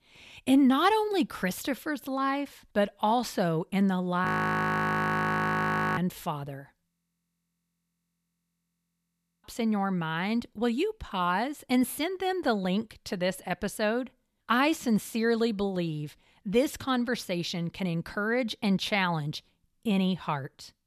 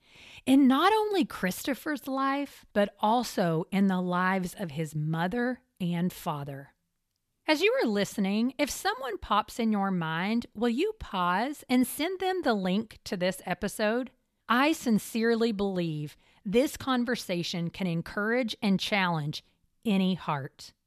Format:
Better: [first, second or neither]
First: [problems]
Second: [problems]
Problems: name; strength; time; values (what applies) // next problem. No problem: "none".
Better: second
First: audio freezing; at 4.5 s for 1.5 s and at 7 s for 2.5 s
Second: none